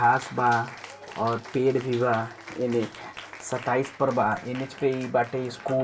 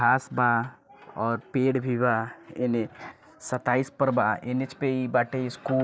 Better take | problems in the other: second | background sound (Cheering); 17 dB below the speech // room echo; dies away in 0.2 s

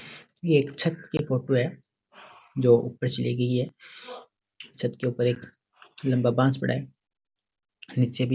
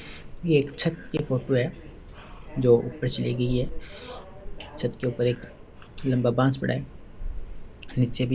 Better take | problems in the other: first | background sound (Subway, metro, underground); 11 dB below the speech

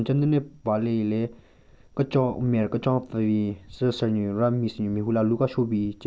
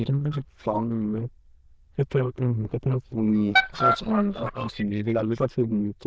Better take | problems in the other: first | noise reduction (neural diffusion model UNIVERSE++)

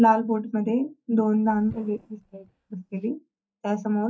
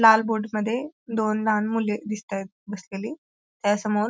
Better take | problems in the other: second | noise reduction (neural mask model DeepFilterNet 3)

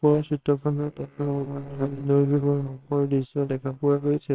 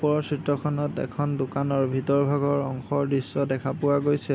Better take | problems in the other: second | noise reduction (neural separator model SepFormer WHAMR!)

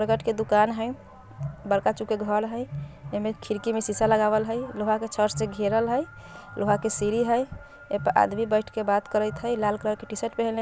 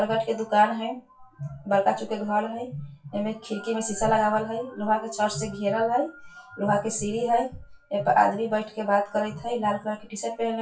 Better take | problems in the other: first | noise reduction (classical method WPE with log-MMSE)

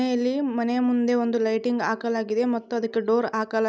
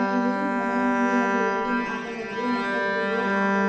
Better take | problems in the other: first | background sound (Bowed string instrument); 3 dB above the speech // room echo; dies away in 1 s

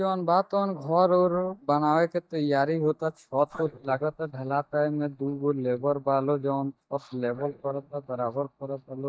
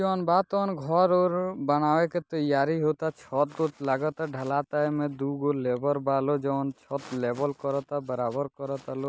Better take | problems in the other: second | noise reduction (neural mask model DeepFilterNet 3)

